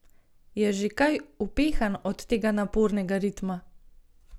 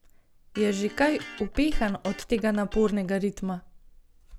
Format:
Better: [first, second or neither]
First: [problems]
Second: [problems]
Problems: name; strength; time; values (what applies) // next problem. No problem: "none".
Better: first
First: none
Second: background sound (Electric guitar); 17 dB below the speech